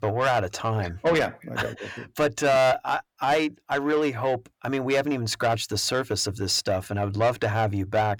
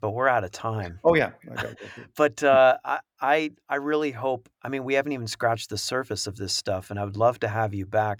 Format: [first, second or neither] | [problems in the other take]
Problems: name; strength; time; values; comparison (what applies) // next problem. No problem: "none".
second | distortion; heavy; 8 dB below the speech